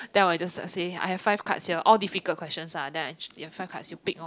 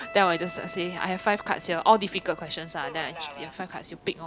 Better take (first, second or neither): first